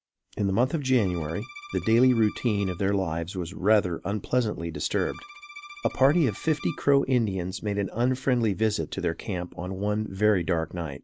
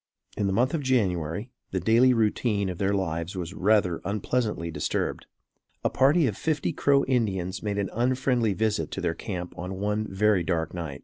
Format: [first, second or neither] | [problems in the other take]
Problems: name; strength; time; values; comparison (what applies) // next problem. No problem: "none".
second | background sound (Bowed string instrument); 20 dB below the speech